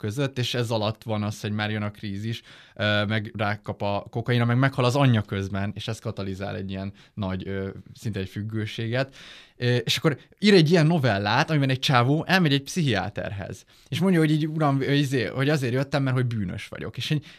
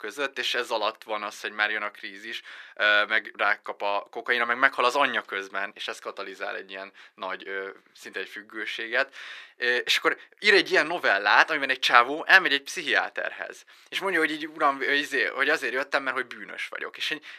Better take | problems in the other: first | thin; very; fading below 350 Hz

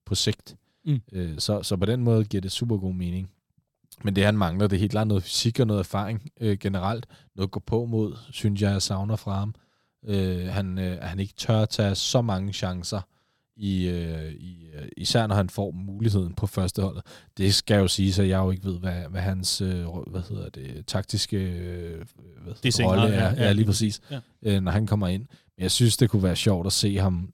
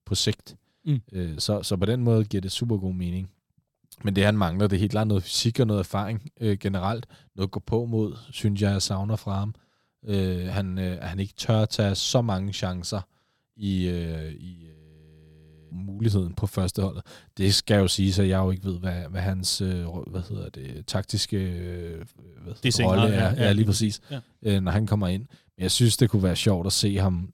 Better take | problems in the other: first | audio freezing; at 15 s for 1 s

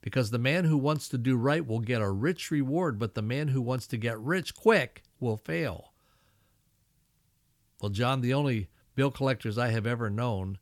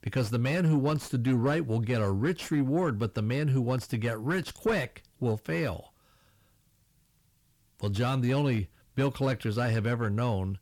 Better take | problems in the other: first | distortion; slight; 10 dB below the speech

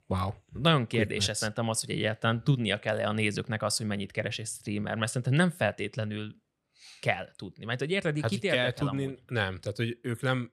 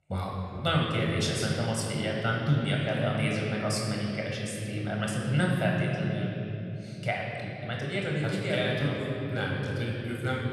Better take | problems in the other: first | off-mic speech; somewhat distant // room echo; noticeable; dies away in 3 s

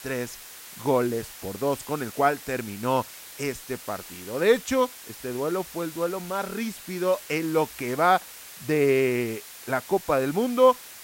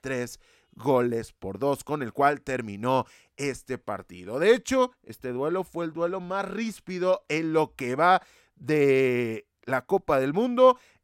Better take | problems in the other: second | hiss; noticeable; throughout; 15 dB below the speech

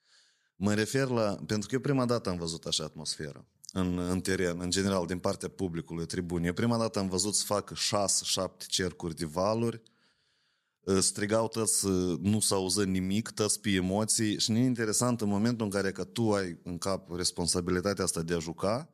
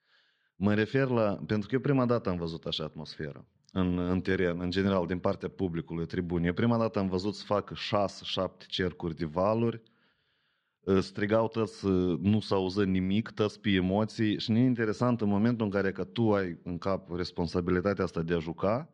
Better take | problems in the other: first | muffled; slightly; fading above 3 kHz

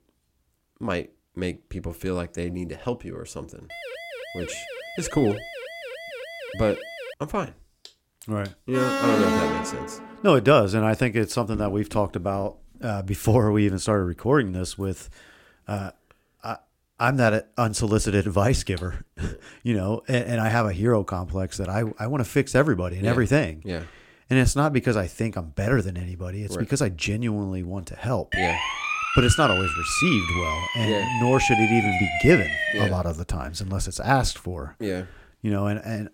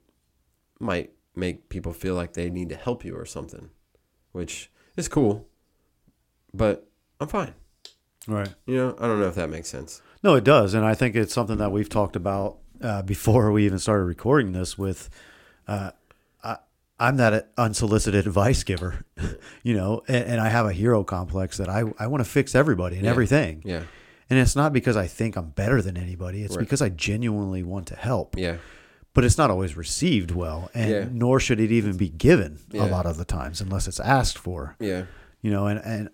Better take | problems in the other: second | siren; faint; from 3.5 to 7 s; peak 10 dB below the speech // alarm; loud; from 8.5 to 10 s; peak 3 dB above the speech // siren; loud; from 28 to 33 s; peak 3 dB above the speech

